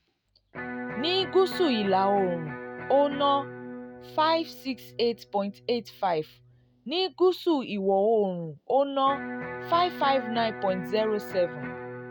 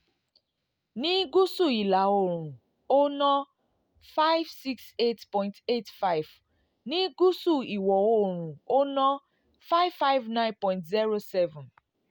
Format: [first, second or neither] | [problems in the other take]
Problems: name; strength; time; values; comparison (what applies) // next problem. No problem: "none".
second | background sound (Electric guitar); 12 dB below the speech